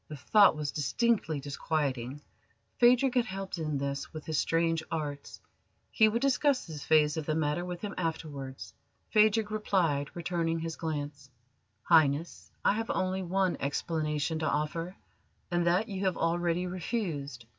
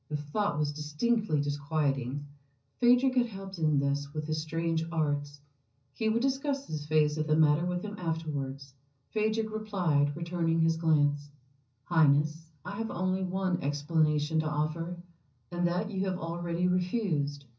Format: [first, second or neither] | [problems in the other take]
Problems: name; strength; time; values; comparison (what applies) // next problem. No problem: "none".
first | room echo; dies away in 0.5 s